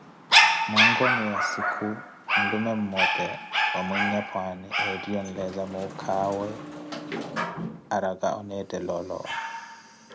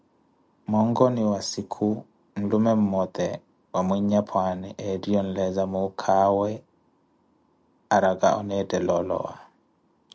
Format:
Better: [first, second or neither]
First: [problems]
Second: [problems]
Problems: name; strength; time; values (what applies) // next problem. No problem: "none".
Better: second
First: background sound (Dog); 4 dB above the speech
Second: none